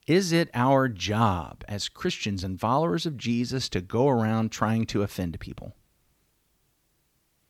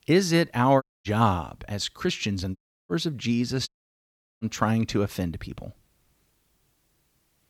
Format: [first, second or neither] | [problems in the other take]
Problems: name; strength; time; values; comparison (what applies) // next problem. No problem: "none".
first | audio cutting out; at 1 s, at 2.5 s and at 3.5 s for 0.5 s